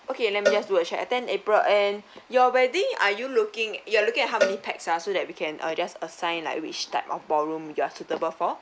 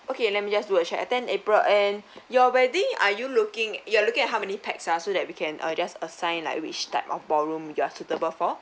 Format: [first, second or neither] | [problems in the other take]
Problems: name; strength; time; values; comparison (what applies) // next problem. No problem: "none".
second | background sound (Cowbell); 8 dB below the speech